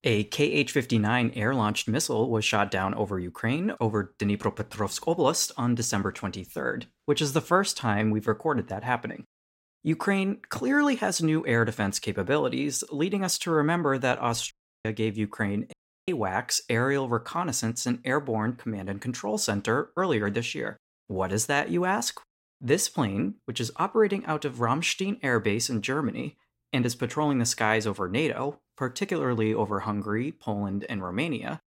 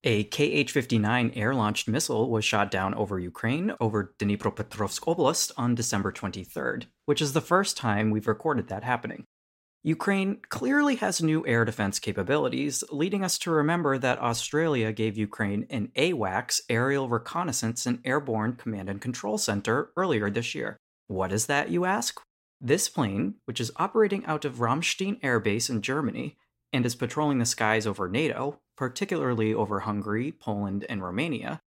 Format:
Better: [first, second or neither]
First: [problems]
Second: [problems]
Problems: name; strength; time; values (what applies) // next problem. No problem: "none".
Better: second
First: audio cutting out; at 15 s and at 16 s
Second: none